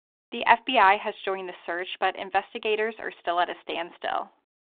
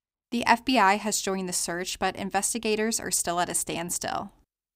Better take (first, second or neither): second